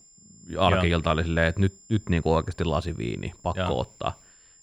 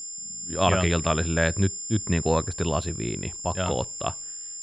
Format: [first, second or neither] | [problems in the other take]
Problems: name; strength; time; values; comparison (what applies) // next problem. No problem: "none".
first | high-pitched whine; loud; throughout; 7 kHz, 7 dB below the speech; faint in the first